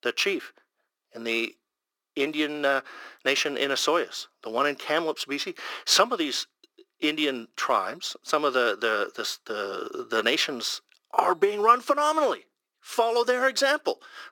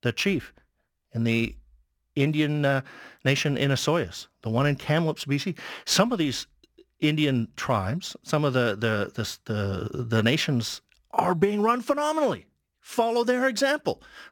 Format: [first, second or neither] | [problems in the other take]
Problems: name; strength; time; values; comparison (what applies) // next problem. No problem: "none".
second | thin; somewhat; fading below 350 Hz